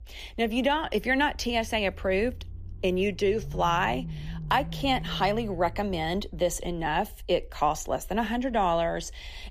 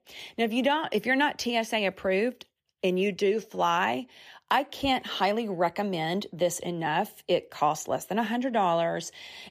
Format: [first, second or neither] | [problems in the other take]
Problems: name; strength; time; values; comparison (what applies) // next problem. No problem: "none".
second | low rumble; faint; throughout; 25 dB below the speech